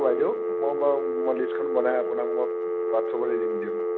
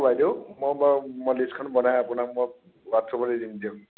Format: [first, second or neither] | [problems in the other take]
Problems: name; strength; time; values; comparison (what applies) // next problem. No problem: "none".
second | background sound (Telephone); 1 dB above the speech